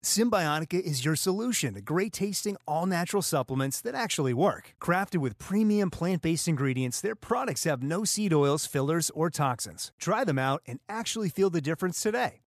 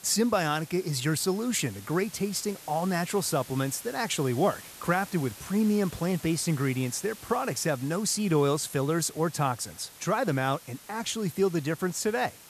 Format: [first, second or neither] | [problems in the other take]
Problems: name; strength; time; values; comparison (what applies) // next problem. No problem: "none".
first | hiss; noticeable; throughout; 15 dB below the speech